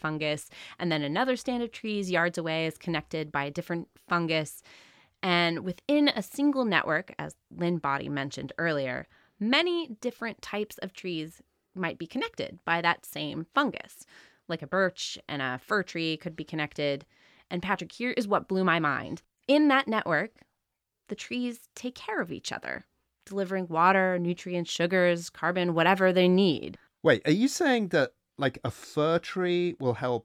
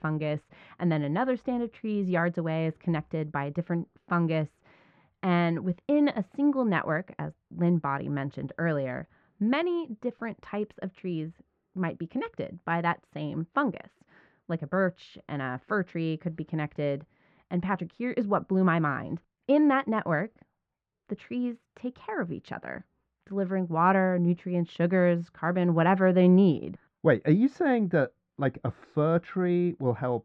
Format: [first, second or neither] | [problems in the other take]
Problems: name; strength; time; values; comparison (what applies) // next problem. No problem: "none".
first | muffled; very; fading above 1.5 kHz